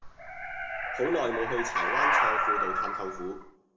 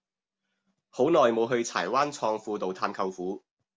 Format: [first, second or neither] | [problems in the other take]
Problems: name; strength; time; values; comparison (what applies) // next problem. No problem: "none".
second | background sound (Animal); 5 dB above the speech // room echo; dies away in 0.9 s